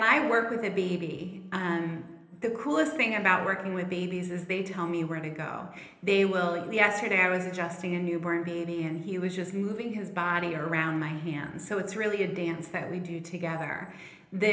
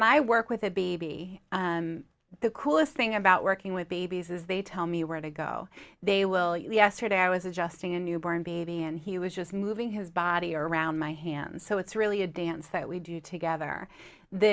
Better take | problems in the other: second | room echo; dies away in 1 s

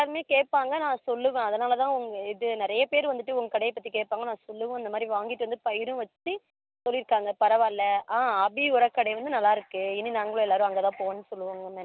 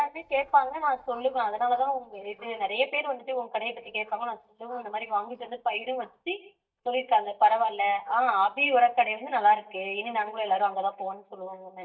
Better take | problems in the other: first | noise reduction (neural mask model DeepFilterNet 3)

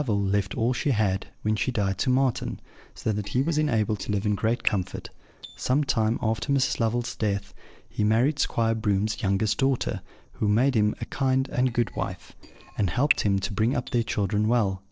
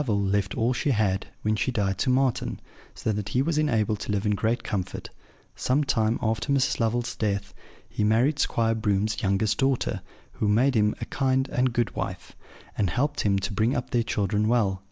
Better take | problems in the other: second | noise reduction (neural separator model SepFormer DNS4)

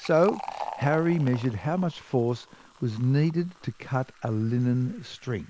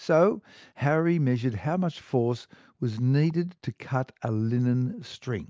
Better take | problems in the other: second | background sound (Fill (with liquid)); 16 dB below the speech

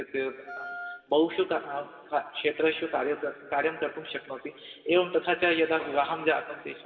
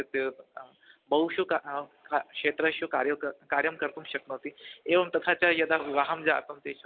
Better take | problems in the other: second | background sound (Wind instrument, woodwind instrument); 11 dB below the speech // room echo; dies away in 2 s

